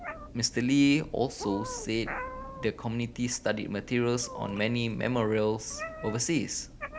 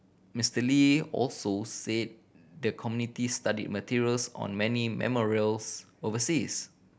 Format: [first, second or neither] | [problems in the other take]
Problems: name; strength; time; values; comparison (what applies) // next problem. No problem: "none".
second | background sound (Meow); 13 dB below the speech